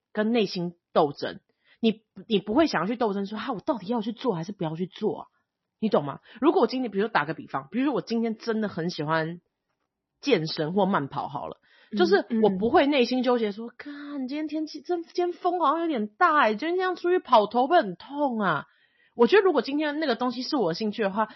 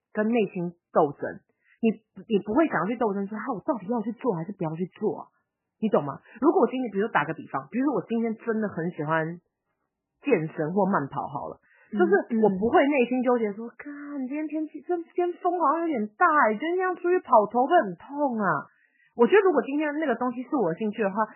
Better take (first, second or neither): first